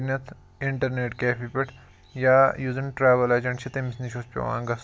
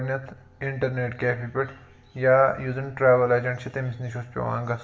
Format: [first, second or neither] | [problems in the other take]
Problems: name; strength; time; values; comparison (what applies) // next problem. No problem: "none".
first | room echo; dies away in 1.9 s